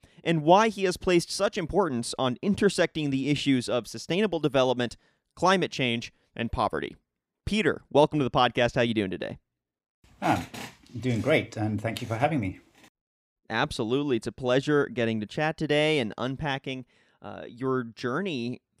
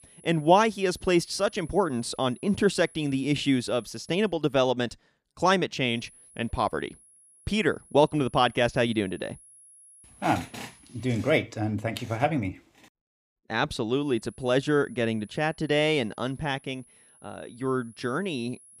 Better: first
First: none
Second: high-pitched whine; faint; until 4.5 s, from 6 to 11 s and from 14 s on; 10.5 kHz, 25 dB below the speech

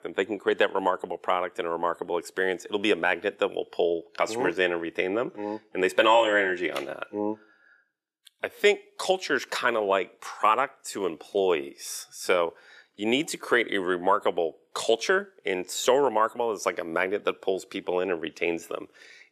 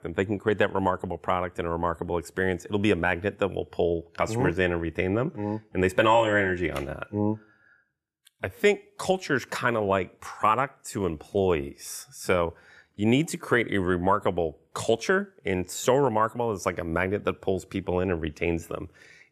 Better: second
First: thin; somewhat; fading below 400 Hz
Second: none

